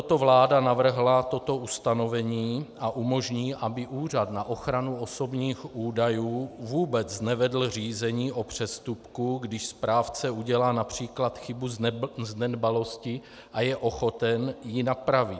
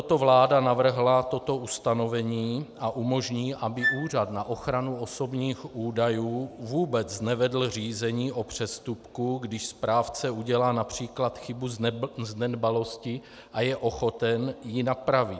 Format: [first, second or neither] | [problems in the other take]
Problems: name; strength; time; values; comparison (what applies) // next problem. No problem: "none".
first | background sound (Wind instrument, woodwind instrument); 6 dB below the speech